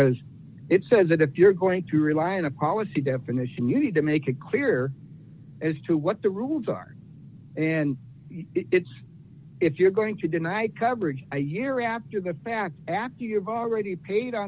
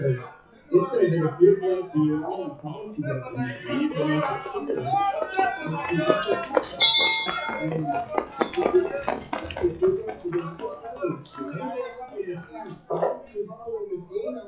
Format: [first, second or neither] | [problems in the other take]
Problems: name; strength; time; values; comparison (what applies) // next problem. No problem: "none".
first | noise reduction (classical method WPE with log-MMSE)